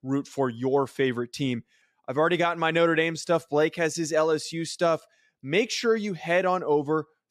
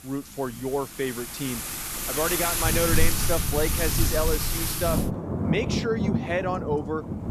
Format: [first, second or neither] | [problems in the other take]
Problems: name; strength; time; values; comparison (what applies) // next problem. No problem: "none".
first | rain or running water; very loud; throughout; 3 dB above the speech